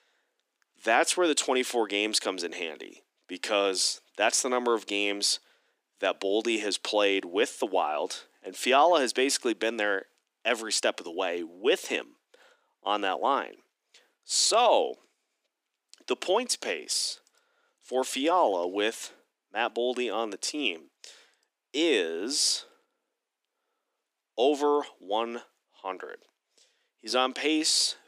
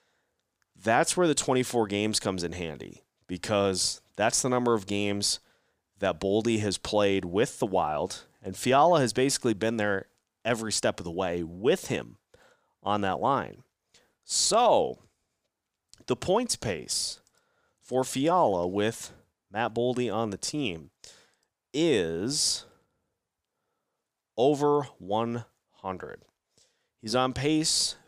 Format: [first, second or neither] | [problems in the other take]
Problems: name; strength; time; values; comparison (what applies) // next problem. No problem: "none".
second | thin; very slightly; fading below 250 Hz